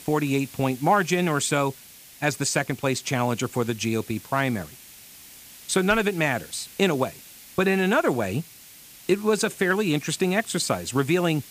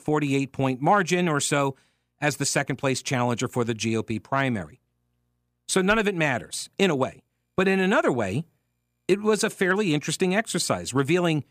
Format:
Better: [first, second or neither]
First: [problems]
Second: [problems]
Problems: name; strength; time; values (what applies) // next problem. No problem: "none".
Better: second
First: hiss; noticeable; throughout; 20 dB below the speech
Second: none